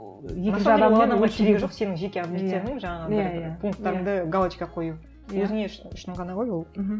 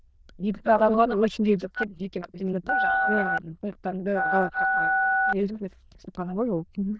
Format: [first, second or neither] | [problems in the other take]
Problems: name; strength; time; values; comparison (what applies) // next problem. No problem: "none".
first | noise reduction (neural diffusion model UNIVERSE++)